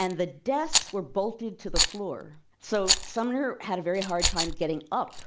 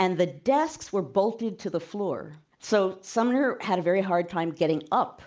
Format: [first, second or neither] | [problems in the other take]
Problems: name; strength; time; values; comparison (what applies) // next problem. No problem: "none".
second | background sound (Rattle); 1 dB below the speech